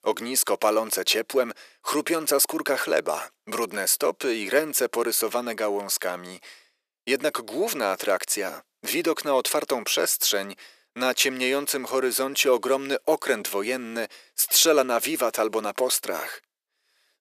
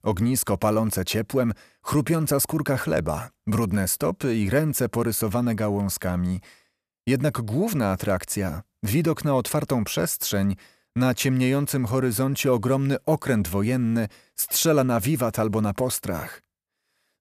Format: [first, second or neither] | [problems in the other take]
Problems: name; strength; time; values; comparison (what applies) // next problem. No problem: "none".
second | thin; very; fading below 350 Hz